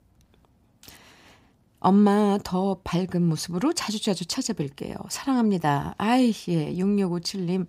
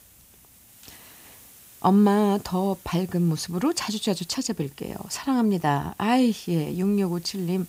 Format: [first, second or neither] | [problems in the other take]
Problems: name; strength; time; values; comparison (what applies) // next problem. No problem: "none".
first | hiss; faint; throughout; 25 dB below the speech